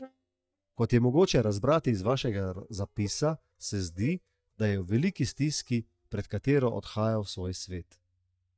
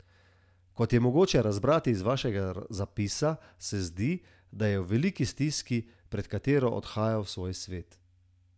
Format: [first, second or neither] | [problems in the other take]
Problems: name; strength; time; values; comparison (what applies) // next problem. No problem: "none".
second | noise reduction (neural mask model DeepFilterNet 3)